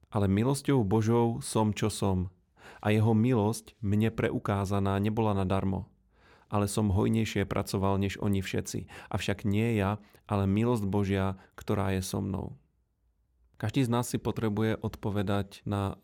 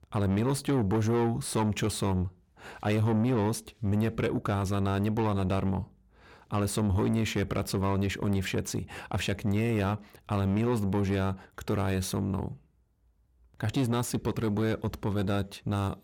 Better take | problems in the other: first | distortion; slight; 10 dB below the speech

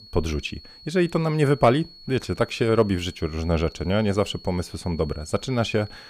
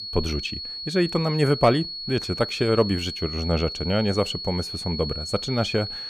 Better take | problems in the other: first | high-pitched whine; loud; throughout; 4.5 kHz, 6 dB below the speech; faint in the first

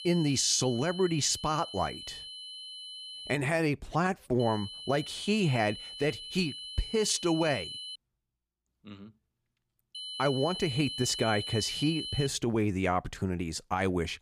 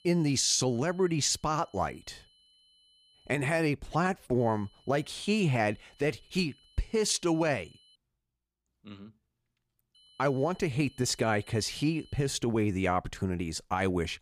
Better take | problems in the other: second | high-pitched whine; loud; until 3.5 s, from 4.5 to 8 s and from 10 to 12 s; 3 kHz, 9 dB below the speech; faint in the second

